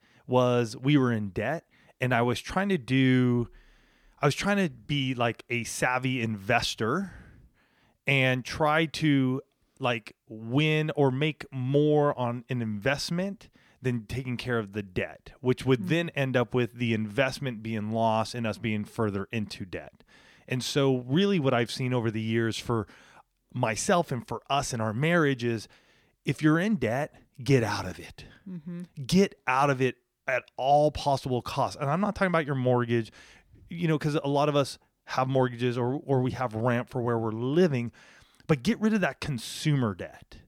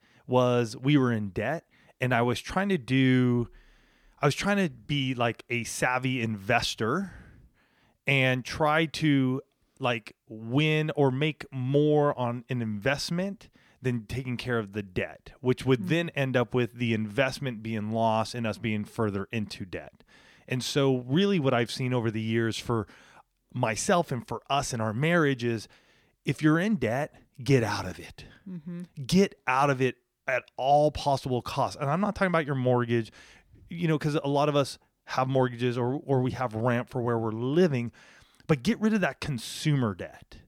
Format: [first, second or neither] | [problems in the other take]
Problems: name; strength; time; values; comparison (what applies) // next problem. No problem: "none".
neither | none